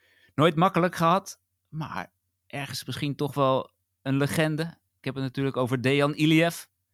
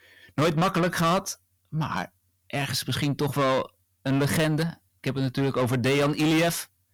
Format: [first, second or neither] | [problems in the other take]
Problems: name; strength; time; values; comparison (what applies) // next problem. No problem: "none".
first | distortion; heavy; 6 dB below the speech